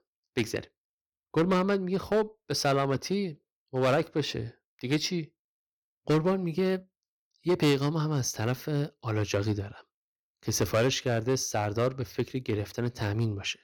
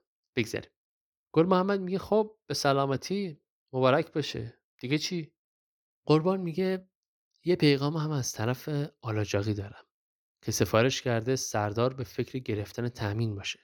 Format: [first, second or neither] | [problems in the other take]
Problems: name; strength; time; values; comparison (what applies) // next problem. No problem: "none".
second | distortion; slight; 4% of the sound clipped